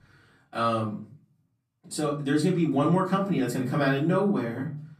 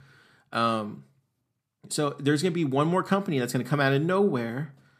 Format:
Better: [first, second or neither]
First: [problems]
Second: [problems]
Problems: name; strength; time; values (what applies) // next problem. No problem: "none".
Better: second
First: off-mic speech; far // room echo; slight; dies away in 0.4 s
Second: none